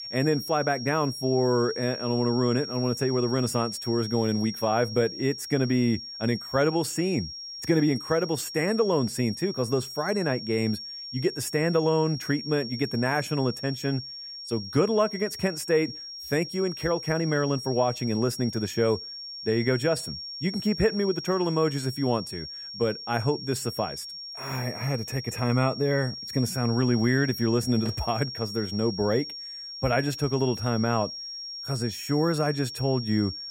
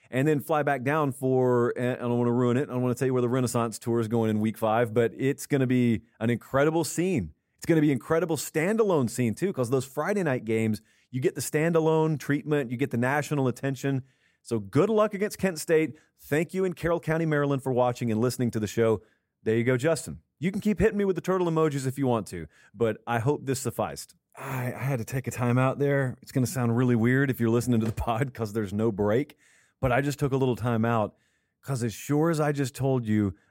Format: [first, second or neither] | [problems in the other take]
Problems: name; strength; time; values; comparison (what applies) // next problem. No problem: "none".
second | high-pitched whine; loud; throughout; 5.5 kHz, 9 dB below the speech